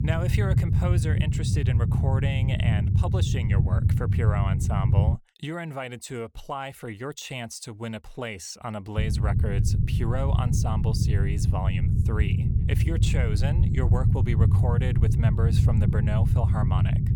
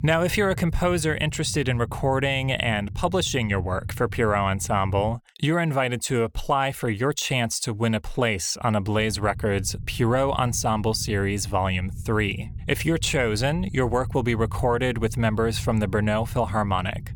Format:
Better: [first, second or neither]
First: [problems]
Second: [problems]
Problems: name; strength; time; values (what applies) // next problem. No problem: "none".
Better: second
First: low rumble; loud; until 5 s and from 9 s on; 2 dB below the speech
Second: low rumble; faint; until 5 s and from 9 s on; 25 dB below the speech